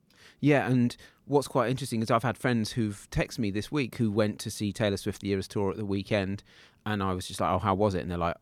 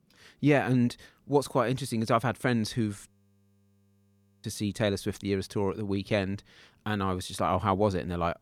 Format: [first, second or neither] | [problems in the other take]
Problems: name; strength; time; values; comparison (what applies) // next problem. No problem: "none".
first | audio freezing; at 3 s for 1.5 s